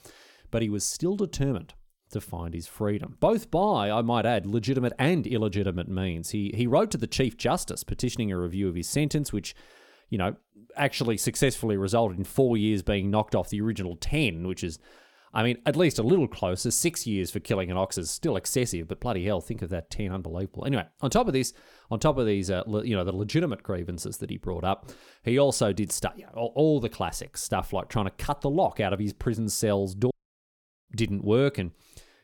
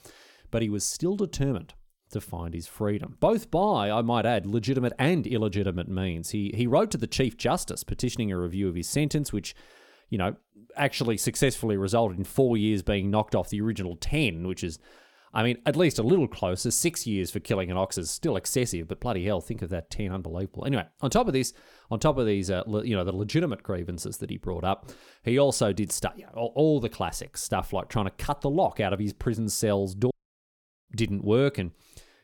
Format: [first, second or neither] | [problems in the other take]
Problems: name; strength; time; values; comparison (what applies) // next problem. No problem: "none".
neither | audio cutting out; at 30 s for 1 s; the same in both